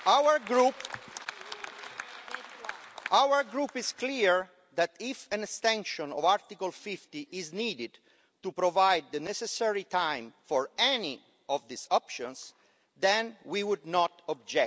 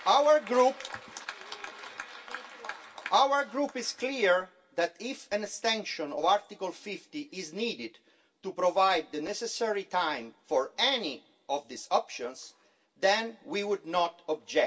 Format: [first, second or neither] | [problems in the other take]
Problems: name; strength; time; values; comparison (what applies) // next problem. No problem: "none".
first | room echo; dies away in 0.2 s